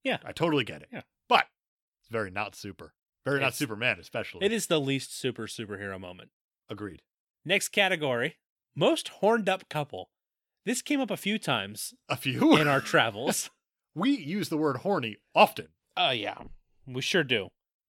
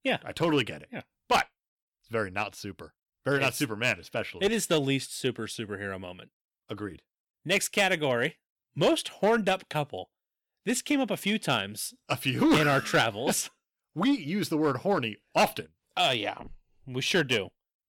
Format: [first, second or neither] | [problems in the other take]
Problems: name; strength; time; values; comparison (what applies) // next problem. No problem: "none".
first | distortion; slight; 3% of the sound clipped